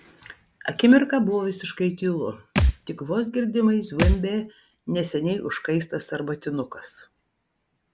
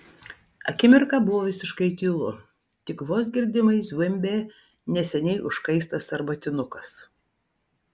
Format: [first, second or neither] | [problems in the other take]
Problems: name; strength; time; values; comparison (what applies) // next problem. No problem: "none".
second | background sound (Thump, thud); 1 dB below the speech